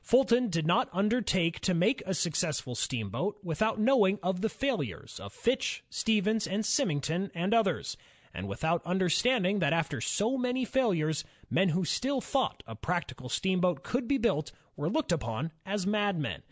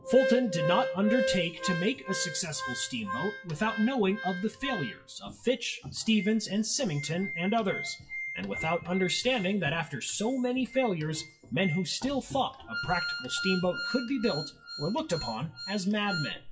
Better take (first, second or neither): first